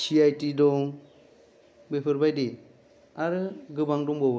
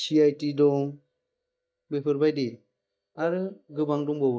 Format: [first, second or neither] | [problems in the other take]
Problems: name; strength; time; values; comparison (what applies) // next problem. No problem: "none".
first | noise reduction (neural mask model DeepFilterNet 3)